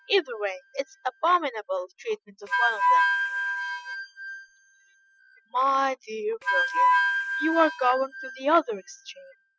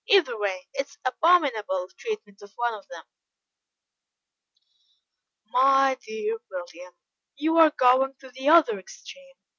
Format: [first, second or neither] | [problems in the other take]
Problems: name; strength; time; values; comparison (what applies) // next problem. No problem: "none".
second | noise reduction (classical method spectral subtraction)